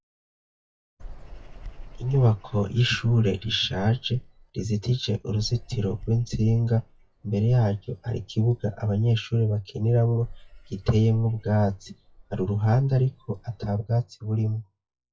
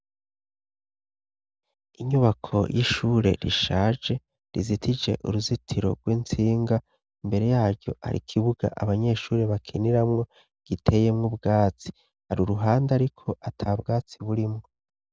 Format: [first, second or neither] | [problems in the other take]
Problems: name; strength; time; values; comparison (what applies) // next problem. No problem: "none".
second | noise reduction (classical method WPE with log-MMSE)